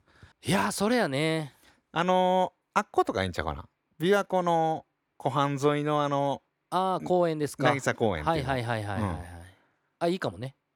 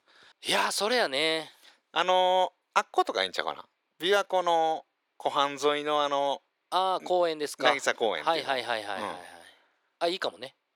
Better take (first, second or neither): first